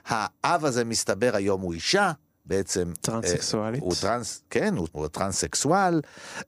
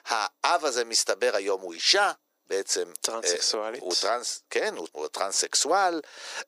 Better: first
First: none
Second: thin; very; fading below 400 Hz

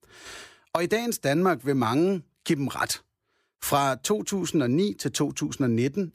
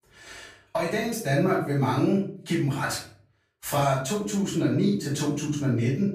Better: first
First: none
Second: off-mic speech; far // room echo; noticeable; dies away in 0.4 s

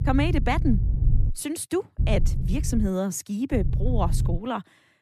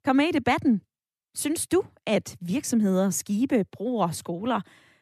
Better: second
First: low rumble; noticeable; until 1.5 s, at 2 s and at 3.5 s; 10 dB below the speech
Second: none

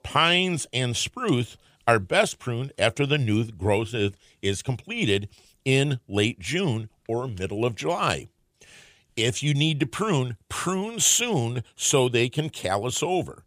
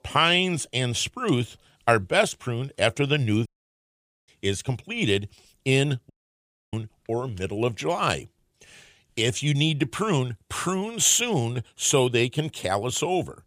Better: first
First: none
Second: audio cutting out; at 3.5 s for 1 s and at 6 s for 0.5 s

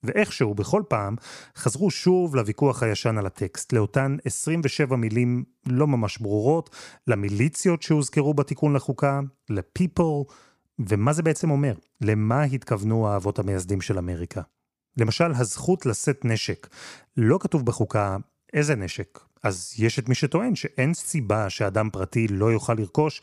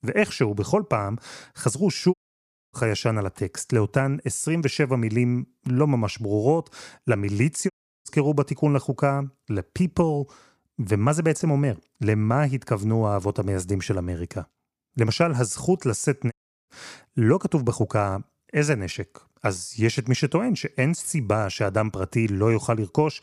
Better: first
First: none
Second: audio cutting out; at 2 s for 0.5 s, at 7.5 s and at 16 s

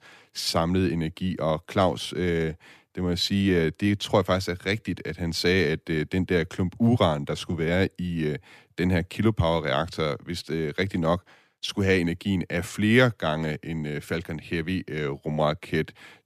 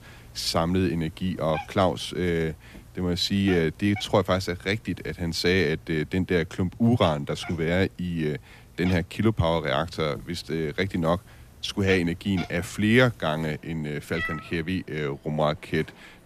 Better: first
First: none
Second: animal sounds; noticeable; throughout; 15 dB below the speech

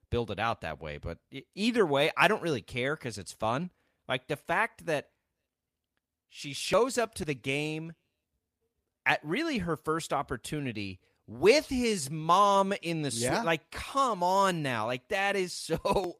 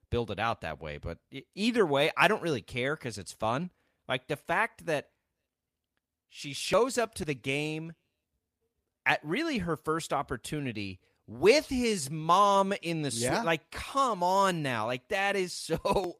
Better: neither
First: none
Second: none

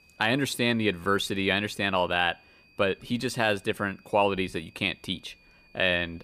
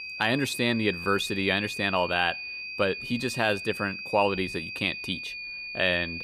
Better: first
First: high-pitched whine; faint; throughout; 2.5 kHz, 30 dB below the speech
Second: high-pitched whine; loud; throughout; 2.5 kHz, 7 dB below the speech

